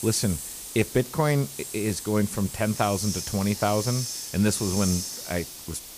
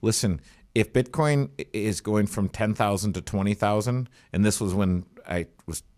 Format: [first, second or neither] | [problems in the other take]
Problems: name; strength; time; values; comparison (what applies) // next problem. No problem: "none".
second | hiss; loud; throughout; 6 dB below the speech